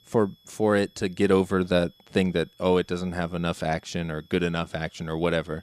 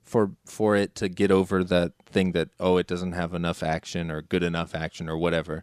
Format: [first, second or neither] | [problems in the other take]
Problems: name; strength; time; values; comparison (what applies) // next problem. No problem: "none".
second | high-pitched whine; faint; throughout; 3.5 kHz, 30 dB below the speech